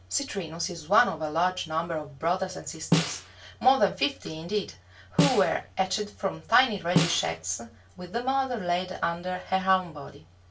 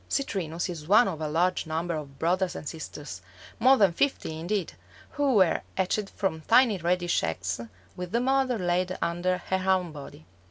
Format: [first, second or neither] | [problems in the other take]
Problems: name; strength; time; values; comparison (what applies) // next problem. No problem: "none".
second | background sound (Snare drum); 3 dB below the speech // room echo; dies away in 0.2 s